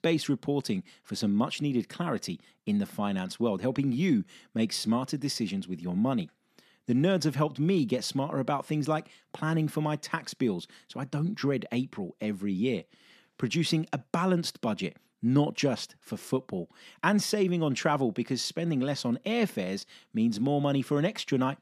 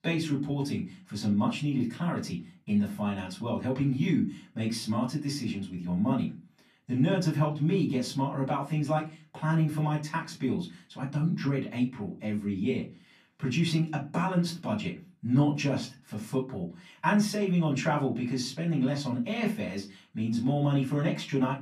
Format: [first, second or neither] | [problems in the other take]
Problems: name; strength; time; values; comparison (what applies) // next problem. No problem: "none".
first | off-mic speech; far // room echo; very slight; dies away in 0.3 s